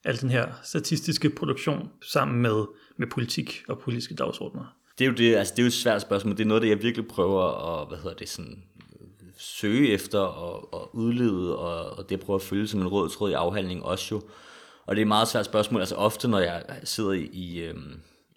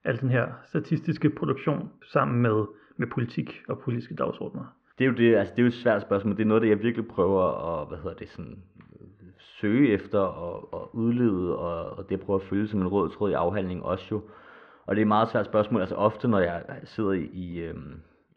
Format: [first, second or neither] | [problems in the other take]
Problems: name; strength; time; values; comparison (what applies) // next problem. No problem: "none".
first | muffled; very; fading above 2 kHz